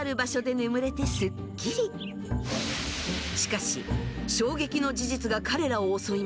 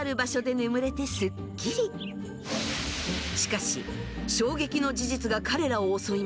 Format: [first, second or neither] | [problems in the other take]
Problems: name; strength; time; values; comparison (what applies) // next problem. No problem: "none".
second | background sound (Bowed string instrument); 8 dB below the speech